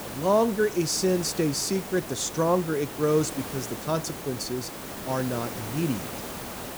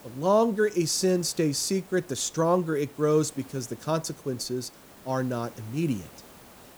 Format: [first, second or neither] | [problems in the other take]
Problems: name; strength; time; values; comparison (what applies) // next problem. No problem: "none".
second | hiss; loud; throughout; 9 dB below the speech; faint in the second